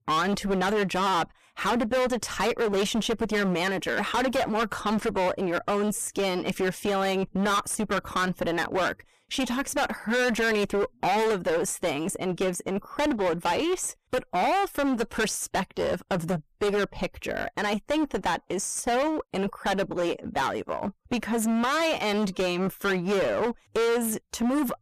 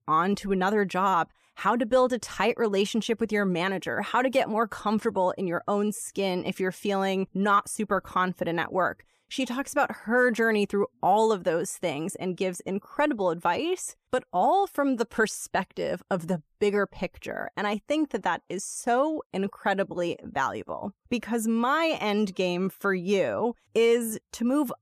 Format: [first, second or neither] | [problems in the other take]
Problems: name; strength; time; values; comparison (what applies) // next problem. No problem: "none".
second | distortion; heavy; 24% of the sound clipped